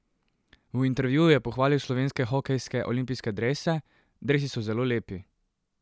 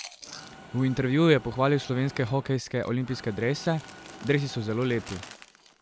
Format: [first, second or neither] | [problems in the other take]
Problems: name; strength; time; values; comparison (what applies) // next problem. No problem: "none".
first | background sound (Chewing, mastication + Mechanisms); 18 dB below the speech